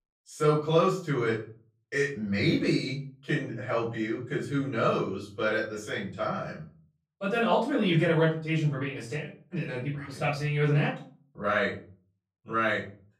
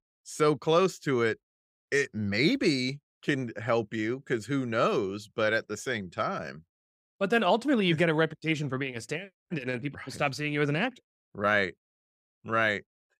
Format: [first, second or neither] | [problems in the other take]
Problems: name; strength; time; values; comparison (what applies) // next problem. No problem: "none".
second | off-mic speech; far // room echo; slight; dies away in 0.4 s